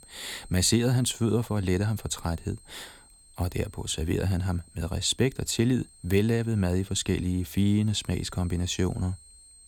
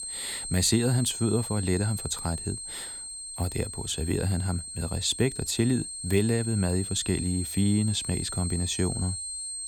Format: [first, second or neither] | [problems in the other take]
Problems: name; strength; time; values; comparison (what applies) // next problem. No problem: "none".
first | high-pitched whine; loud; throughout; 8.5 kHz, 6 dB below the speech; faint in the first